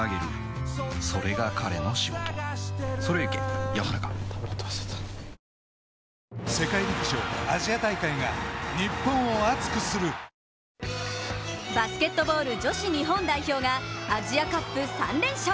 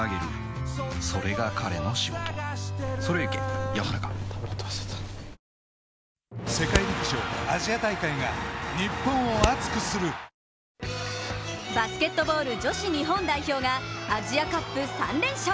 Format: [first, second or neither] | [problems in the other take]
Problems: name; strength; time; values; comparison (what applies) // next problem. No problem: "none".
first | background sound (Scissors); 3 dB below the speech